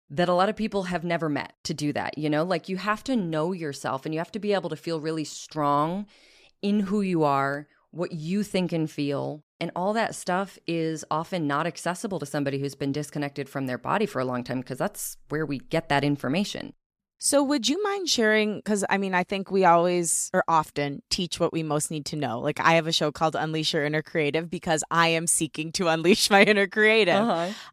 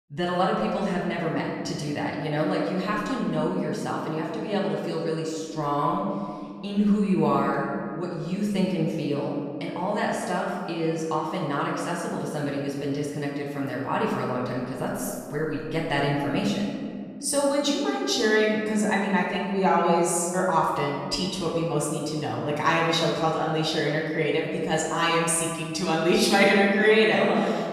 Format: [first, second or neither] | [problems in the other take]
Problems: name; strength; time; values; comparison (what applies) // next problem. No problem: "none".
first | off-mic speech; far // room echo; noticeable; dies away in 1.8 s